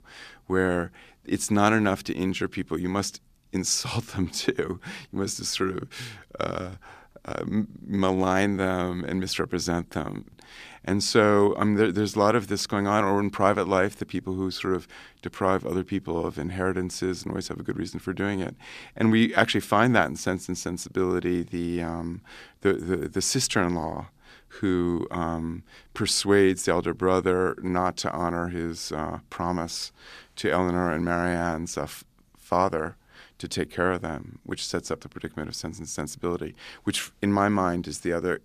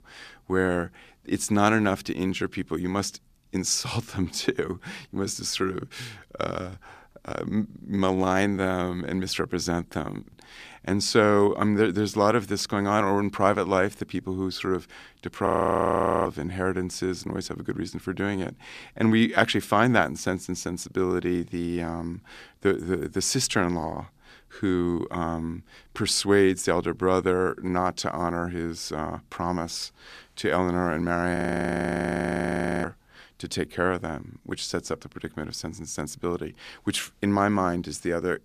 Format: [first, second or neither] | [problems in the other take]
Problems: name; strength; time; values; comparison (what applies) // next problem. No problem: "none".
first | audio freezing; at 15 s for 1 s and at 31 s for 1.5 s